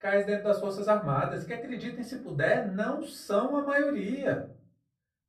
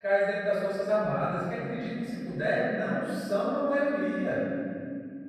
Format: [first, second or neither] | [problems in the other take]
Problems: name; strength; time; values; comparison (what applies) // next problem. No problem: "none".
first | room echo; strong; dies away in 2.7 s; slight in the first // off-mic speech; far; far in the first